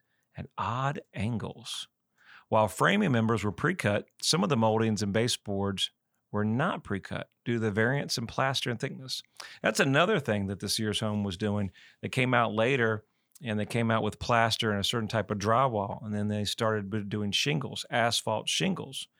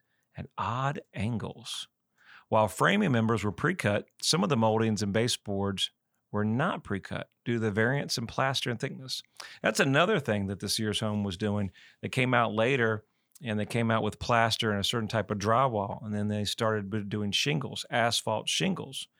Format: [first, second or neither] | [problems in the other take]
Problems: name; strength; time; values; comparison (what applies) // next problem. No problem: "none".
neither | none